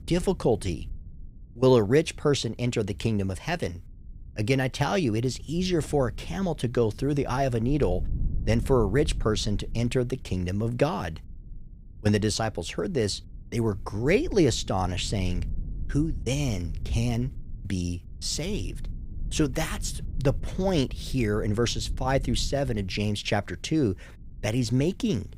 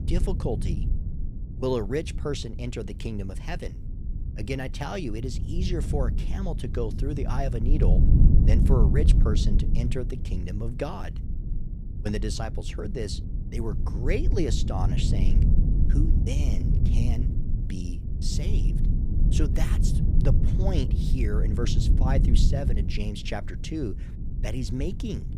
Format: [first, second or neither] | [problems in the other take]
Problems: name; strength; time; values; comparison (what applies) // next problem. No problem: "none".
first | low rumble; loud; throughout; 6 dB below the speech; faint in the first